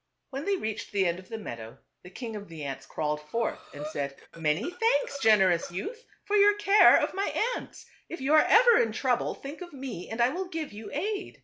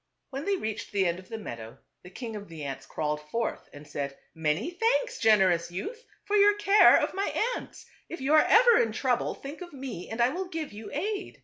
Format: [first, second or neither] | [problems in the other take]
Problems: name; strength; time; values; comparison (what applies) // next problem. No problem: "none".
second | background sound (Breathing); 16 dB below the speech